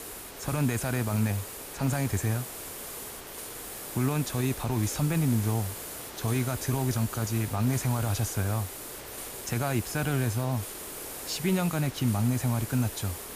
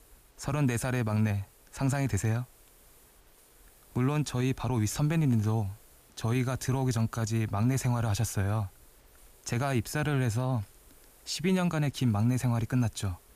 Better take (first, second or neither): second